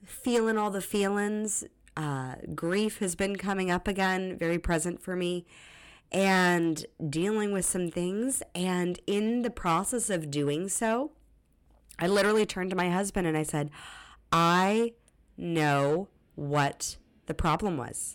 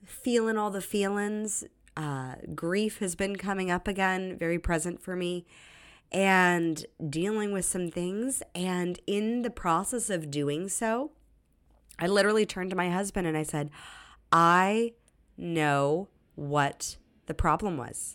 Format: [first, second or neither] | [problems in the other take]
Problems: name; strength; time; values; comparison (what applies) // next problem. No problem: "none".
second | distortion; slight; 3% of the sound clipped